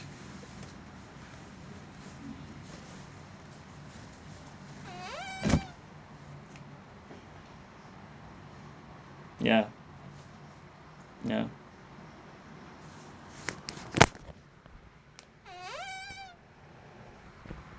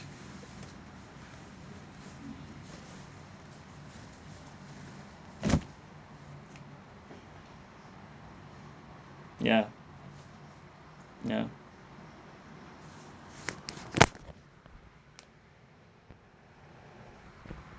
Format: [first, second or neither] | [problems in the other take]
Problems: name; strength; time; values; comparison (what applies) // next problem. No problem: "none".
second | background sound (Cupboard open or close / Door); 7 dB below the speech